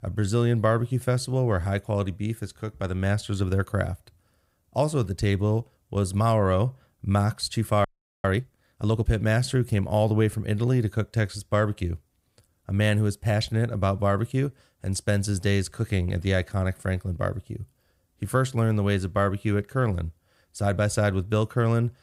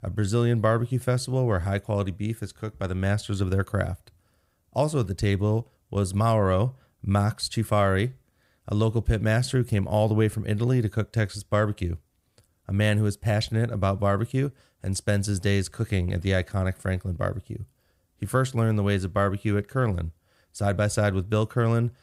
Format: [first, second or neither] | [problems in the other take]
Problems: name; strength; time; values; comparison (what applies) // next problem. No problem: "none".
second | audio freezing; at 8 s